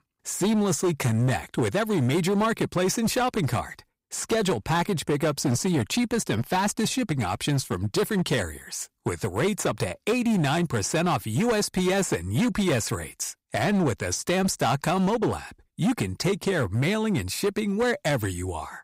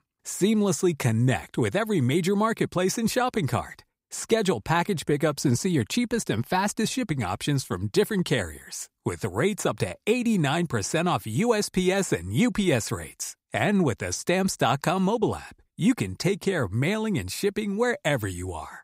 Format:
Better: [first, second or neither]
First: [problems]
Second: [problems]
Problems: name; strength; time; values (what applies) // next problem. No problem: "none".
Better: second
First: distortion; slight; 13% of the sound clipped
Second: none